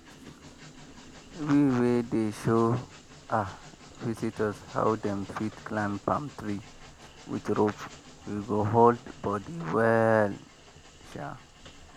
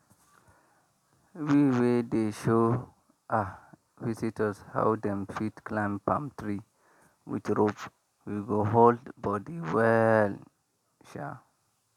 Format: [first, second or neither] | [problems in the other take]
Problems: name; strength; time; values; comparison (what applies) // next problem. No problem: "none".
second | background sound (Train); 20 dB below the speech